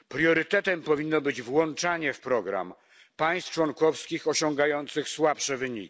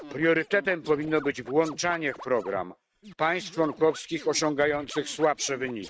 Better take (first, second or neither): first